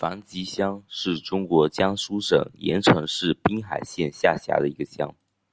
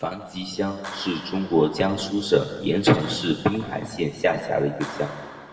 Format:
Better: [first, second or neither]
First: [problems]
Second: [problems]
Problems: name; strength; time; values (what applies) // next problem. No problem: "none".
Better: first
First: none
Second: background sound (Clapping); 19 dB below the speech // room echo; dies away in 1.7 s